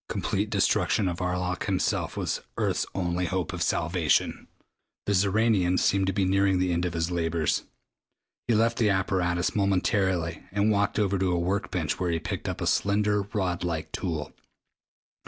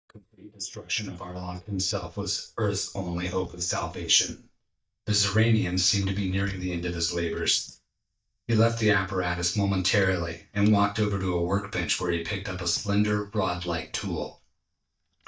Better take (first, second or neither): first